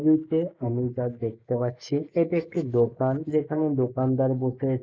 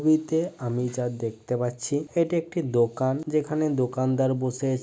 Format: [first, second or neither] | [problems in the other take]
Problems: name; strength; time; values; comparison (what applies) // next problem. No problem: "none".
second | noise reduction (neural mask model Resemble Enhance denoiser)